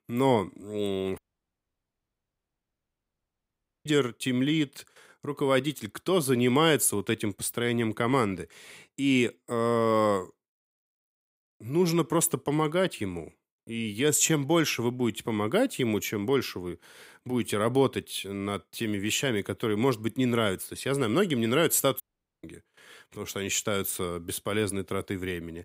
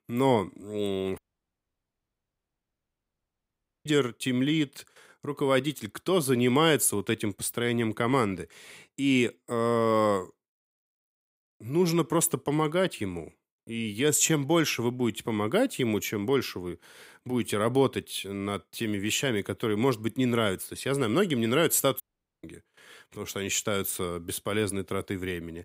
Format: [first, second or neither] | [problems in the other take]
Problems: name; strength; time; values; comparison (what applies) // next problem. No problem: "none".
neither | audio cutting out; at 1 s for 2.5 s and at 22 s; the same in both